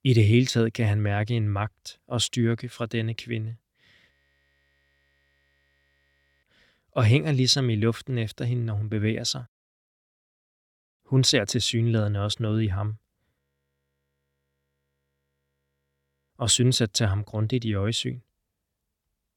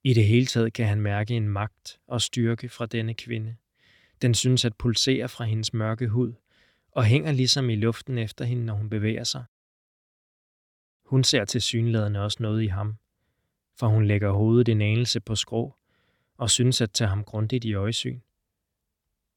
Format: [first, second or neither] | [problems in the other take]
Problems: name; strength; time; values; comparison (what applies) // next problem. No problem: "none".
second | audio freezing; at 4 s for 2.5 s and at 13 s for 3 s